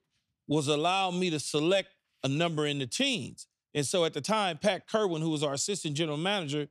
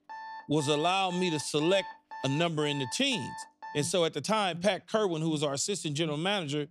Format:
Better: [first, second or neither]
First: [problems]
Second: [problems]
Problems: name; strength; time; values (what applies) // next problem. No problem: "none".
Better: first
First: none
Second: alarms or sirens; noticeable; throughout; 15 dB below the speech